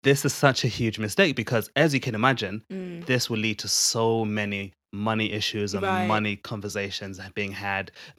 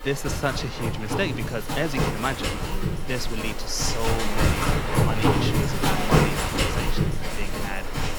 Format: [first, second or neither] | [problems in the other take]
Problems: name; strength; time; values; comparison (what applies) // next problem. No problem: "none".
first | animal sounds; very loud; throughout; 5 dB above the speech